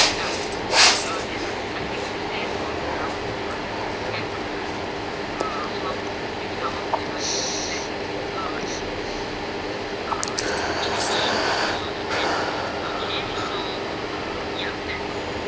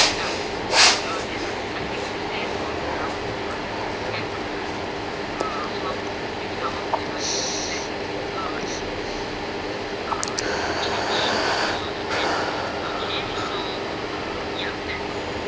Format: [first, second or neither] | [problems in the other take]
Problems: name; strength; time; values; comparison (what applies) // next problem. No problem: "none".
second | background sound (Cutlery, silverware); 13 dB below the speech